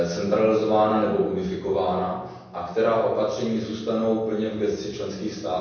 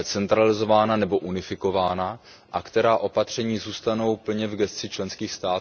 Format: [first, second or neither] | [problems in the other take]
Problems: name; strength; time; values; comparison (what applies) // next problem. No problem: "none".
second | room echo; dies away in 1.1 s